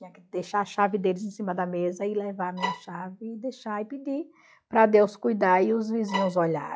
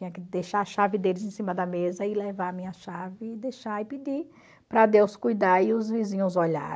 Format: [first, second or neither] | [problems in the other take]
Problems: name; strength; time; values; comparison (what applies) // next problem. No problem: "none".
second | noise reduction (classical method log-MMSE)